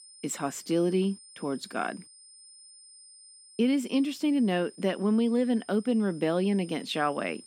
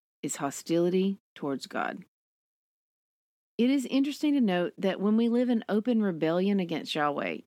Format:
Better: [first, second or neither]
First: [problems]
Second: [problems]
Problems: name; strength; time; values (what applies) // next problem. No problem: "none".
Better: second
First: high-pitched whine; faint; throughout; 9 kHz, 20 dB below the speech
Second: none